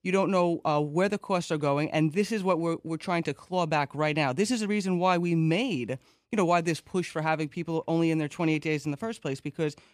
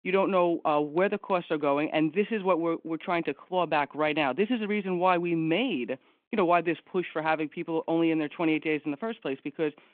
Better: first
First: none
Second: phone-call audio

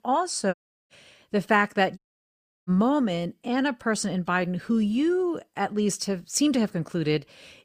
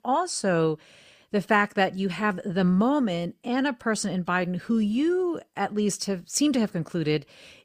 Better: second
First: audio cutting out; at 0.5 s and at 2 s for 0.5 s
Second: none

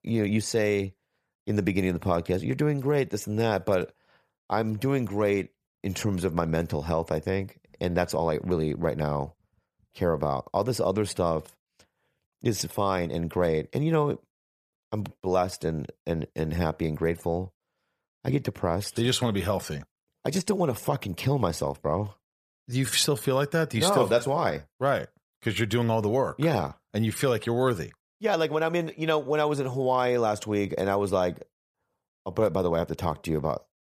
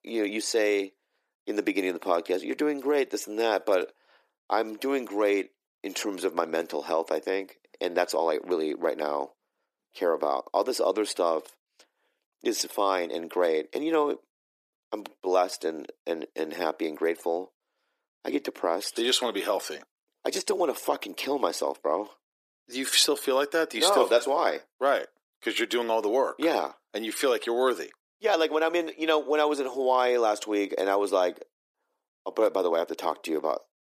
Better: first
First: none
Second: thin; somewhat; fading below 300 Hz

